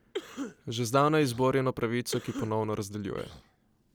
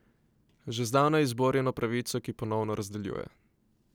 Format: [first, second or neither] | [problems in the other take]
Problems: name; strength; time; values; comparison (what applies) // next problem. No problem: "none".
second | background sound (Cough); 13 dB below the speech